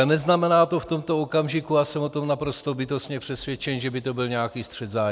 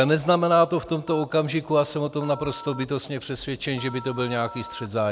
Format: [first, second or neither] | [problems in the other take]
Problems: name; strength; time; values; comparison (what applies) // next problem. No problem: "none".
first | background sound (Telephone); 18 dB below the speech